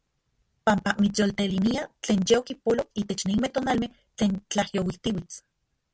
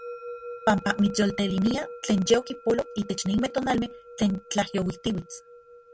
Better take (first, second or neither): first